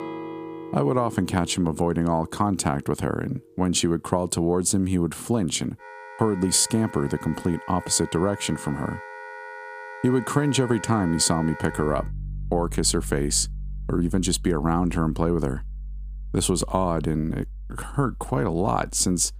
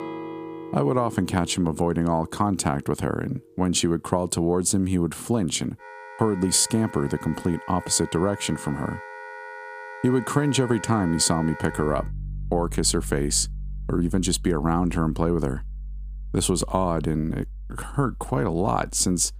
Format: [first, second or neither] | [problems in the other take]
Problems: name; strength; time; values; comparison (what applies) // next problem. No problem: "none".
neither | background music; noticeable; throughout; 15 dB below the speech; the same in both